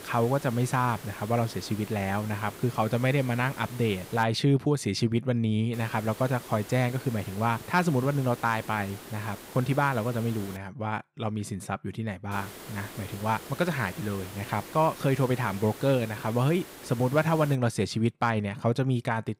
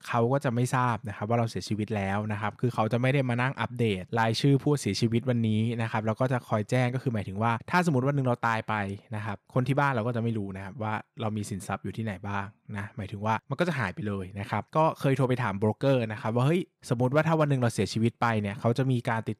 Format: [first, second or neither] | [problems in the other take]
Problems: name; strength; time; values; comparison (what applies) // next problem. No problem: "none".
second | hiss; noticeable; until 4 s, from 5.5 to 11 s and from 12 to 18 s; 15 dB below the speech